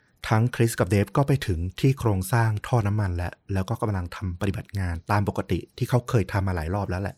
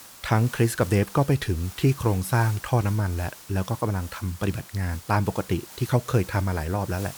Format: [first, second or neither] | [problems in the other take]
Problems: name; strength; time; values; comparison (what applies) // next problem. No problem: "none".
first | hiss; noticeable; throughout; 15 dB below the speech